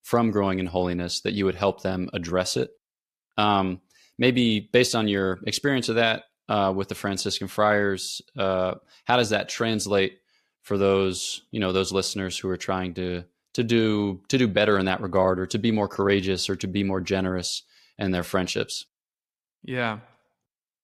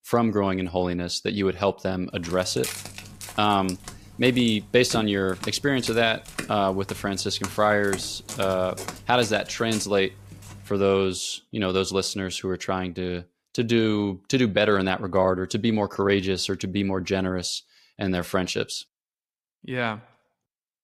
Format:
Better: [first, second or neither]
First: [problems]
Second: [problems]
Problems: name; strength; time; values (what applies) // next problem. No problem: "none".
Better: first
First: none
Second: footsteps; noticeable; from 2 to 11 s; peak 7 dB below the speech